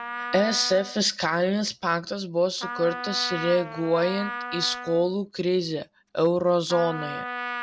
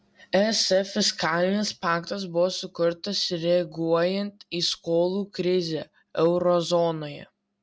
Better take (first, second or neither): second